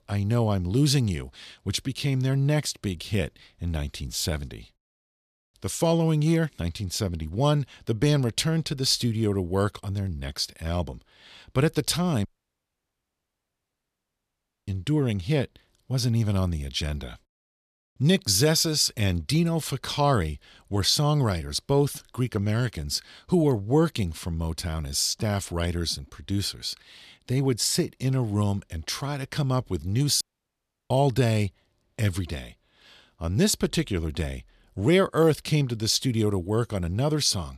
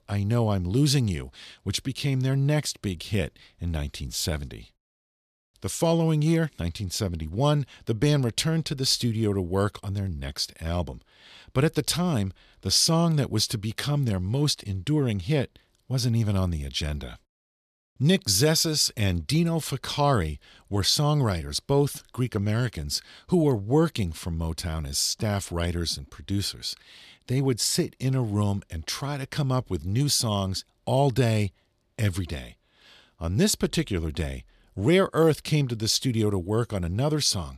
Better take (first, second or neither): second